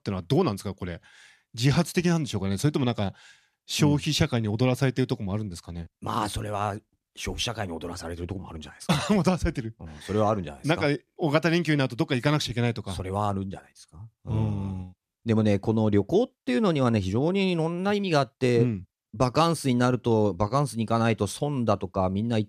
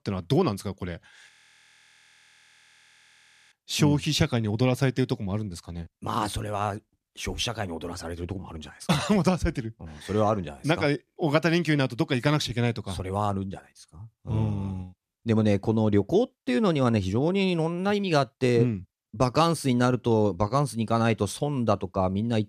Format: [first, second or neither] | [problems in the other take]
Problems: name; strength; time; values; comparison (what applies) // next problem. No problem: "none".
first | audio freezing; at 1.5 s for 2 s